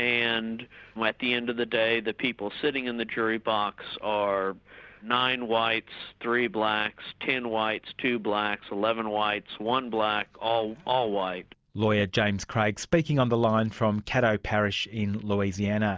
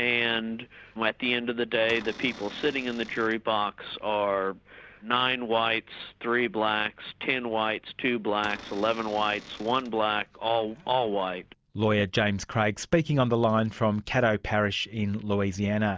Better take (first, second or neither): first